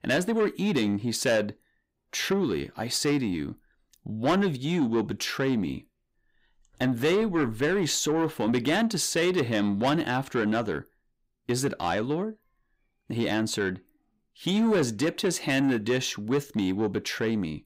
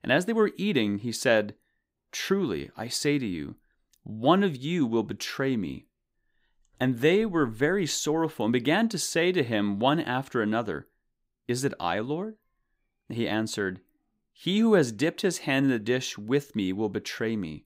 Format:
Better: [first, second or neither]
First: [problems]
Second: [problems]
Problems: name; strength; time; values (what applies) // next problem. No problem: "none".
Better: second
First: distortion; slight; 10 dB below the speech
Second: none